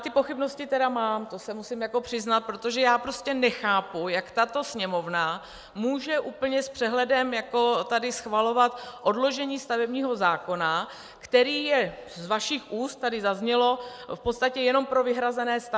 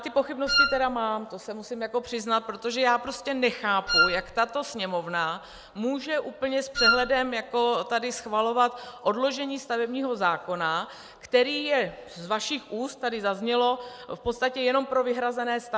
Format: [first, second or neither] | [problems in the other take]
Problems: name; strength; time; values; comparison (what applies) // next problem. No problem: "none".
first | background sound (Wind instrument, woodwind instrument); 2 dB above the speech